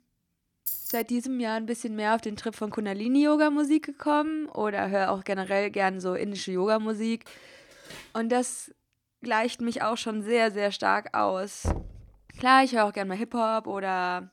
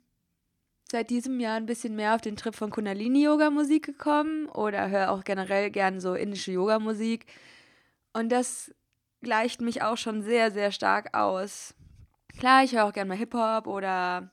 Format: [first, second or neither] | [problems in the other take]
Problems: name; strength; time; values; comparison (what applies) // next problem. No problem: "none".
second | jangling keys; noticeable; at 0.5 s; peak 3 dB below the speech // clattering dishes; faint; at 7.5 s; peak 20 dB below the speech // door banging; noticeable; at 12 s; peak 6 dB below the speech